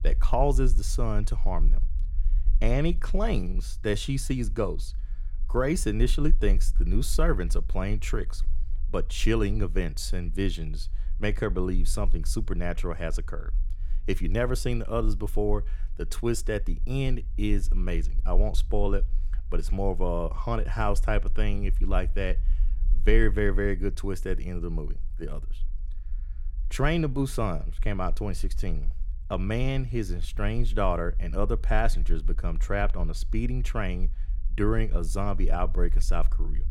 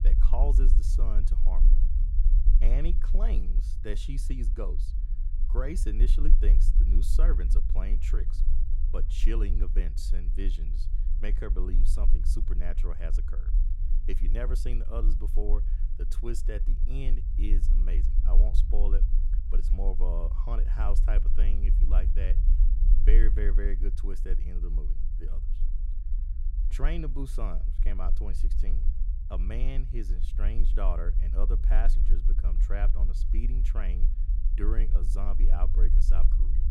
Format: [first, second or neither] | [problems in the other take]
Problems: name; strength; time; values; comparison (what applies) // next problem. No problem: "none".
first | low rumble; loud; throughout; 9 dB below the speech; faint in the first